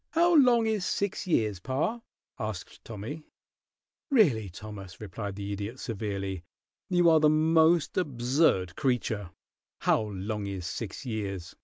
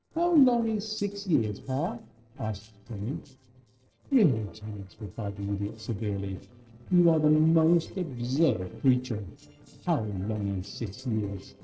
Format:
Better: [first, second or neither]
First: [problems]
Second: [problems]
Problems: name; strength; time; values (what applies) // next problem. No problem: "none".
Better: first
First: none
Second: noise reduction (neural separator model SepFormer DNS4)